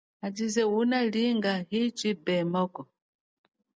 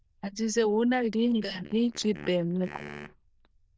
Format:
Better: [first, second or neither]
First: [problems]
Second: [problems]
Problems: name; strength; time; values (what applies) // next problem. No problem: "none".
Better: first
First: none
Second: noise reduction (neural diffusion model UNIVERSE++)